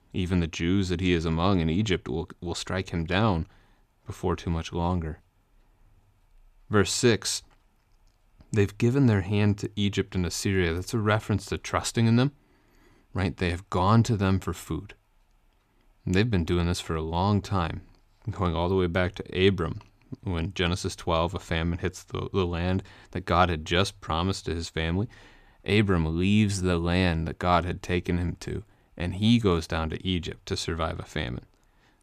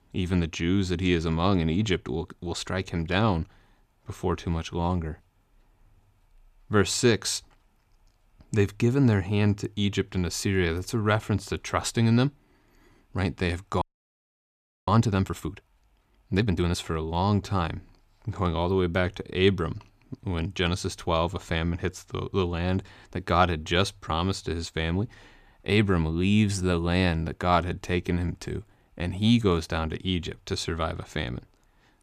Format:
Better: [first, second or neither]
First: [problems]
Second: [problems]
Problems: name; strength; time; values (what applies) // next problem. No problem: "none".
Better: first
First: none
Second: audio freezing; at 14 s for 1 s